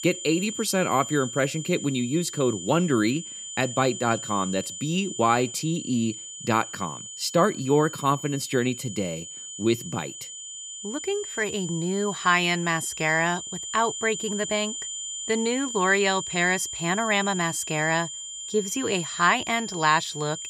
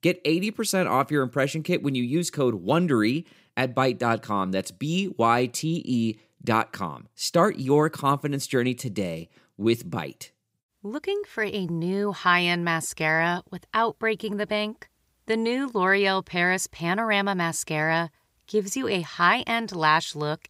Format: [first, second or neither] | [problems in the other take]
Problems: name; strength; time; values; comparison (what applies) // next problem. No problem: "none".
second | high-pitched whine; loud; throughout; 7 kHz, 8 dB below the speech